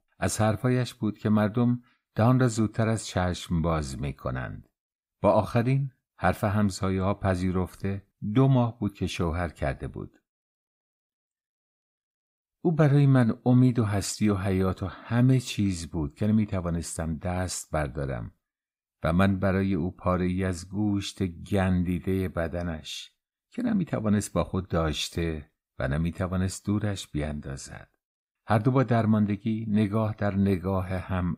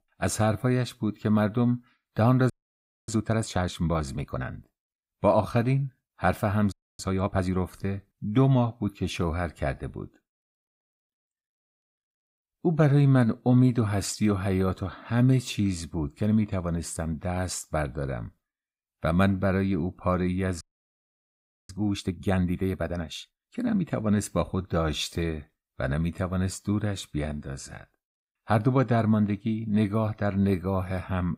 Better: first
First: none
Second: audio freezing; at 2.5 s for 0.5 s, at 6.5 s and at 21 s for 1 s

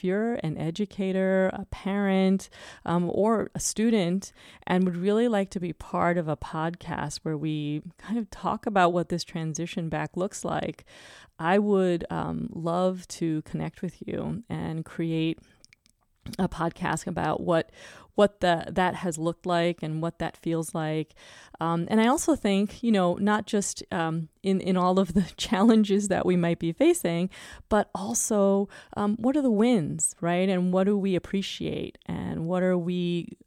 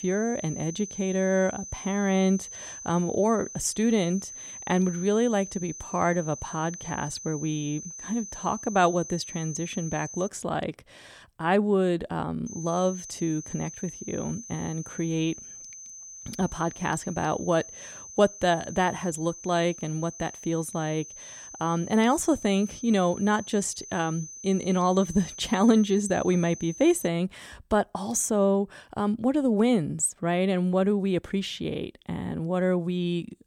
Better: first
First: none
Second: high-pitched whine; noticeable; until 10 s and from 12 to 27 s; 6 kHz, 10 dB below the speech

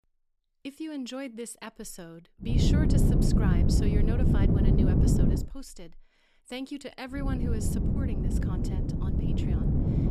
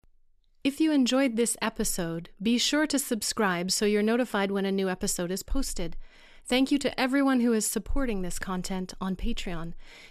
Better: second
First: wind noise on the microphone; heavy; from 2.5 to 5.5 s and from 7 s on; 5 dB above the speech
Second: none

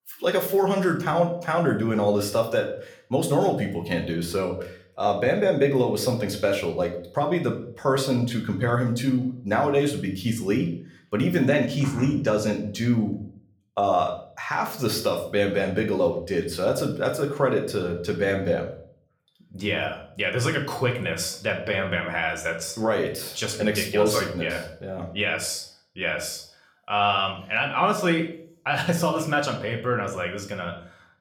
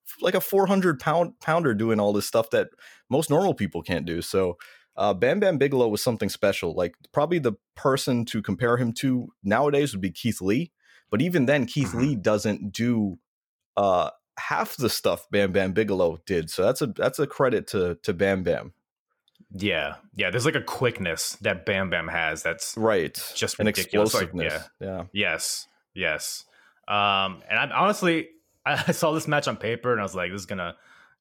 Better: second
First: room echo; slight; dies away in 0.5 s // off-mic speech; somewhat distant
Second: none

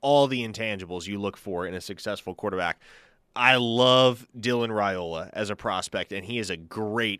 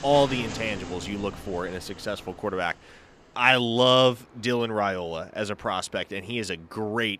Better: first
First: none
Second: train or aircraft noise; noticeable; throughout; 15 dB below the speech

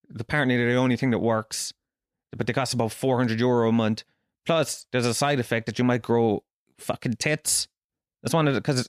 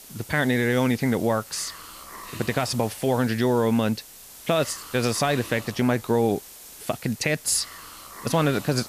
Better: first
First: none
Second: hiss; noticeable; throughout; 15 dB below the speech

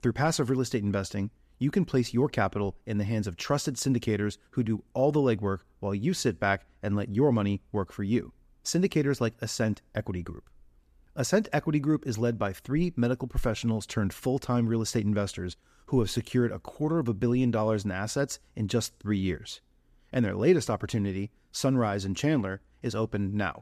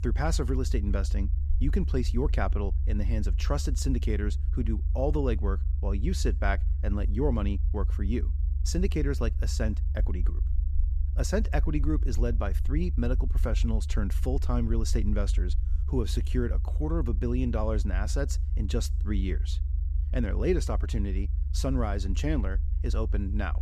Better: first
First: none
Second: low rumble; noticeable; throughout; 15 dB below the speech

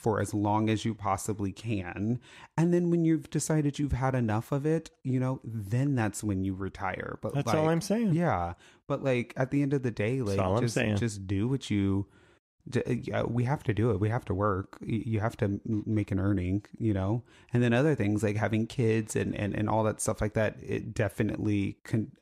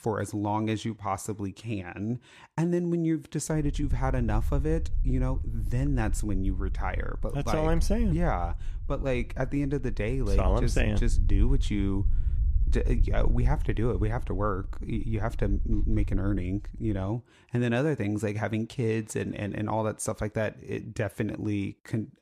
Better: first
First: none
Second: low rumble; noticeable; from 3.5 to 17 s; 20 dB below the speech

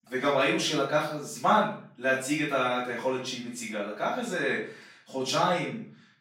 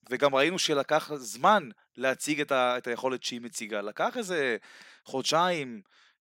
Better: second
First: off-mic speech; far // room echo; noticeable; dies away in 0.5 s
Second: none

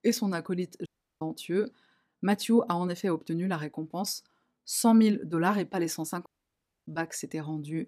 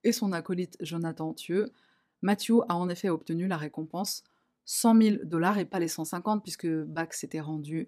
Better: second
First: audio cutting out; at 1 s and at 6.5 s for 0.5 s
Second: none

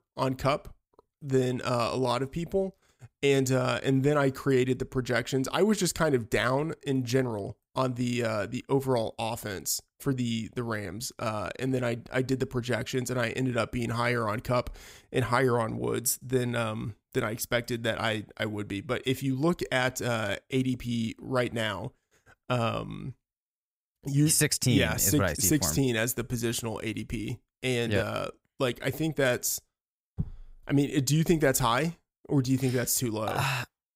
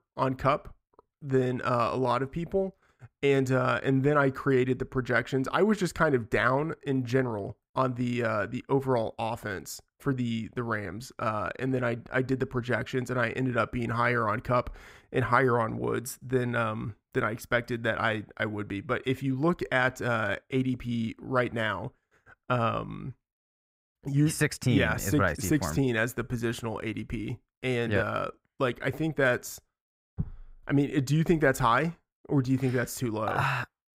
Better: first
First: none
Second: muffled; slightly; fading above 3.5 kHz

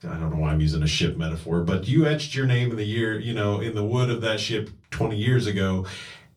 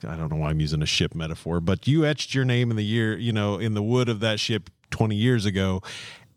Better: second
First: off-mic speech; far // room echo; very slight; dies away in 0.2 s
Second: none

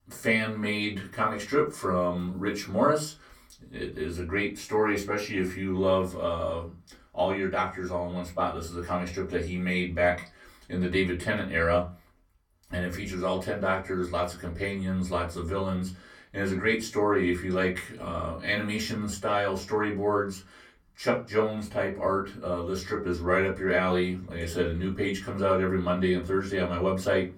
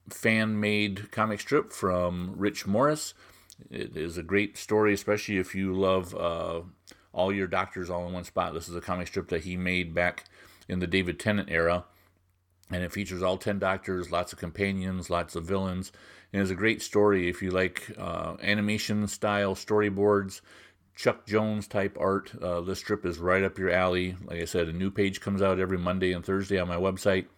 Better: second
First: off-mic speech; far // room echo; very slight; dies away in 0.2 s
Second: none

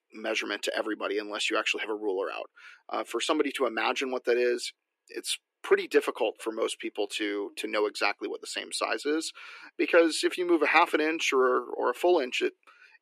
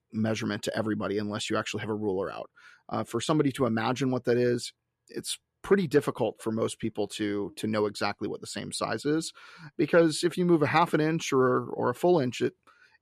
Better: second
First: thin; somewhat; fading below 300 Hz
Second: none

